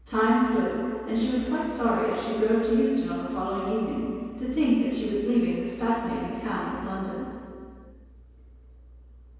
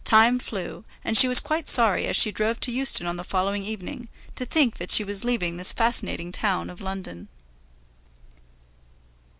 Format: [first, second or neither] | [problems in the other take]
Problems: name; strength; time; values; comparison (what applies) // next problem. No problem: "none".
second | room echo; dies away in 2.2 s